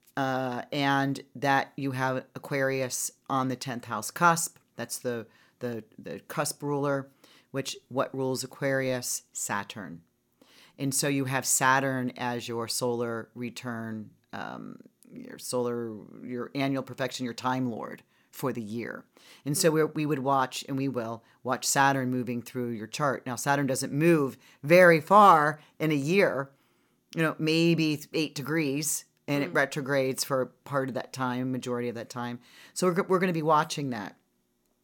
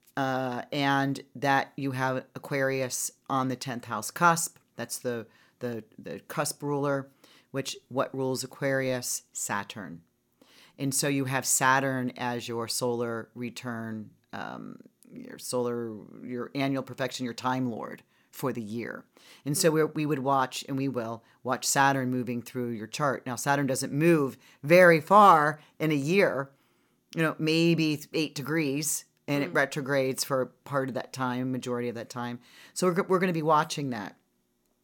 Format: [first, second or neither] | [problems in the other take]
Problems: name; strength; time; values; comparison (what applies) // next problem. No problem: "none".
neither | none